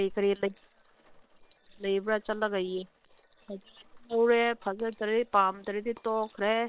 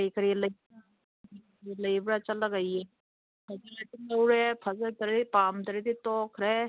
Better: second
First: noise reduction (neural separator model SepFormer WHAM!)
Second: none

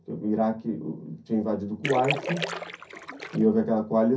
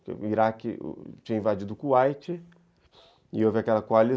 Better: second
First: background sound (Splash, splatter); 7 dB below the speech // room echo; dies away in 0.3 s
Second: none

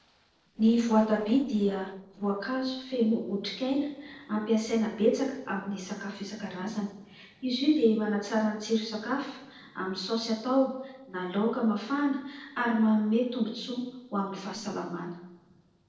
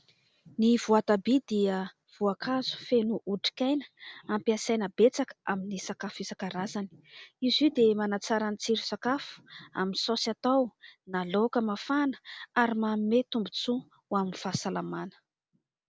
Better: second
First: noise reduction (neural separator model SepFormer DNS4)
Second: none

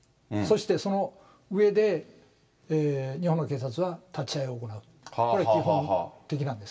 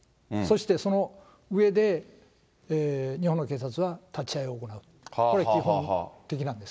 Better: second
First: room echo; dies away in 0.2 s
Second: none

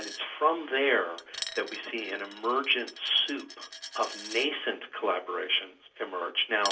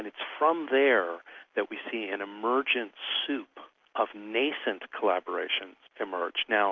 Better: second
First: background sound (Coin (dropping)); 13 dB below the speech // room echo; dies away in 0.2 s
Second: none

